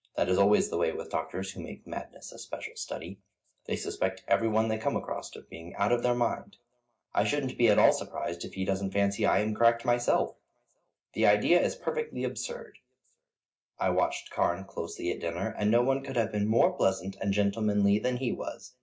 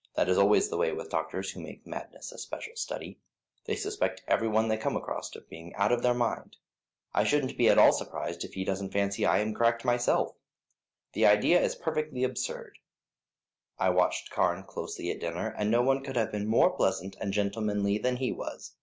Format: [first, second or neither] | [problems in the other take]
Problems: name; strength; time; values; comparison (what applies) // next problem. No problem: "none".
second | room echo; dies away in 0.4 s